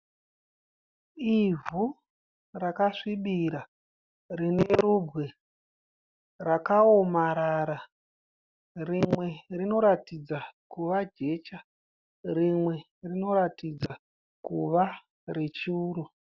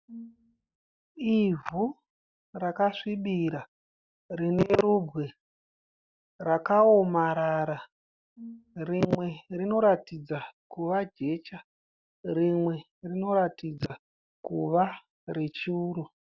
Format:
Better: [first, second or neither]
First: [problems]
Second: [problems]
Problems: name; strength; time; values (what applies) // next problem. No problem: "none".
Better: first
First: none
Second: background sound (Brass instrument); 19 dB below the speech